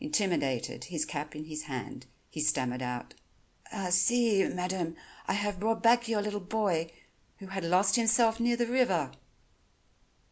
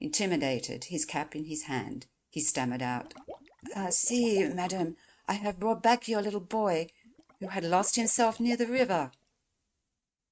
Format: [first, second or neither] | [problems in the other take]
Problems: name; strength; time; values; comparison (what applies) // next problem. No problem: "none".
first | noise reduction (neural mask model RNNoise)